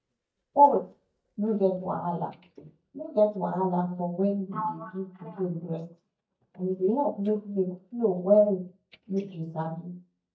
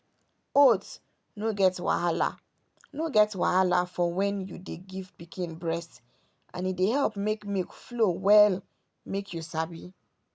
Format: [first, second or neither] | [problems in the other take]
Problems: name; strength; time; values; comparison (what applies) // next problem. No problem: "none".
second | noise reduction (neural mask model DeepFilterNet 3)